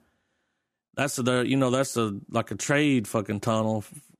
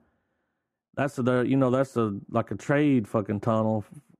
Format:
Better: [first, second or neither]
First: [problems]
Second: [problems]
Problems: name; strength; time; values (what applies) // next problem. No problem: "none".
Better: first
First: none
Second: muffled; very; fading above 2.5 kHz